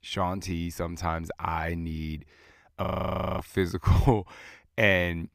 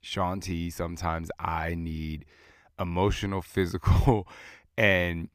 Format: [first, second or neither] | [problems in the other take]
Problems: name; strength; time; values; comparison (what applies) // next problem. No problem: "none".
second | audio freezing; at 3 s for 0.5 s